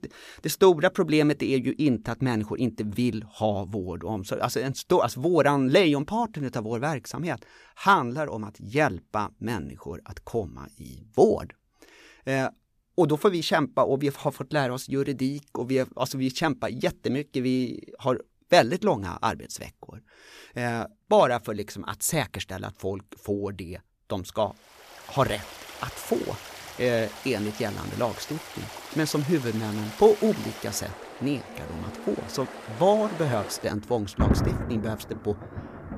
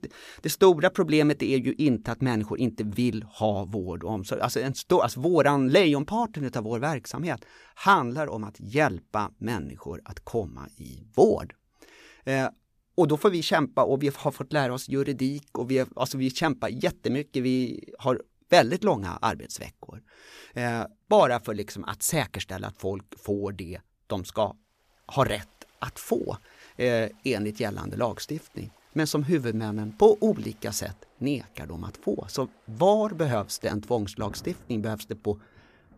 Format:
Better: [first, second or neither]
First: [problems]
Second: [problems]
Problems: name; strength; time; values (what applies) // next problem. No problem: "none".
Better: second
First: rain or running water; loud; from 25 s on; 9 dB below the speech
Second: rain or running water; faint; from 25 s on; 30 dB below the speech